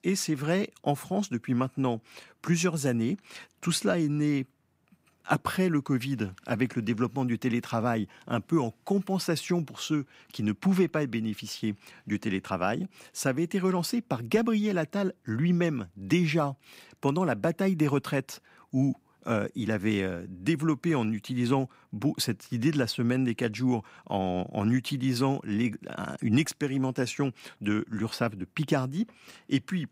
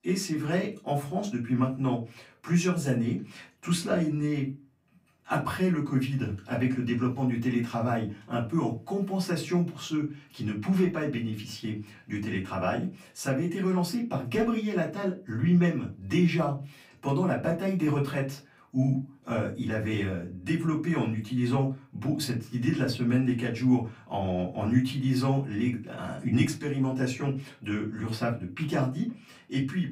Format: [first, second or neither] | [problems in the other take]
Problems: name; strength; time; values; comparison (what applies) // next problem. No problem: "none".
first | off-mic speech; far // room echo; very slight; dies away in 0.3 s